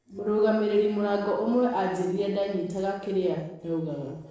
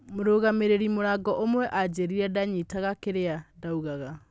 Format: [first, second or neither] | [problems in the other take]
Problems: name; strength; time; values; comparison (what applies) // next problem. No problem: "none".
second | noise reduction (neural separator model SepFormer DNS4)